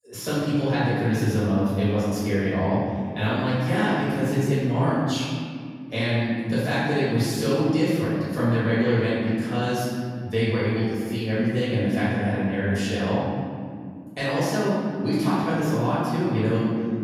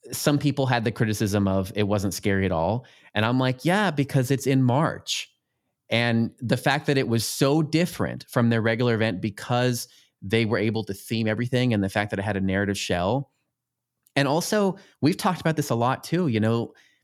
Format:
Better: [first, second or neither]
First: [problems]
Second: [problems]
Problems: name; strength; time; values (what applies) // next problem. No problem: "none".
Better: second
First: off-mic speech; far // room echo; strong; dies away in 2.4 s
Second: none